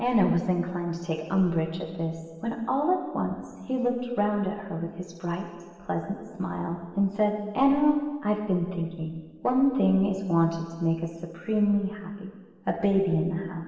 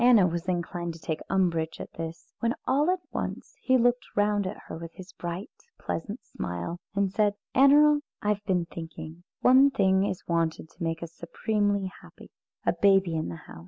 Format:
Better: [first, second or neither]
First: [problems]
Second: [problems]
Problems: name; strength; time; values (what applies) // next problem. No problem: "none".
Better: second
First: room echo; dies away in 1.4 s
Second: none